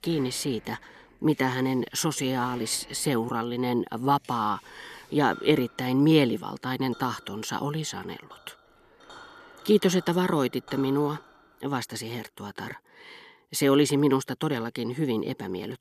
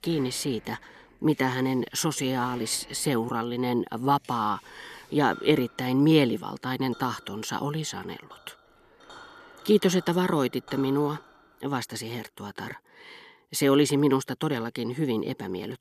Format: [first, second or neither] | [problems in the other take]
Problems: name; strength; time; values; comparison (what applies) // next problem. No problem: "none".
neither | household noises; faint; until 11 s; 25 dB below the speech; the same in both